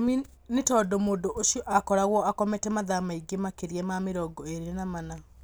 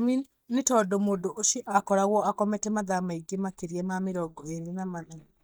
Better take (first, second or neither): first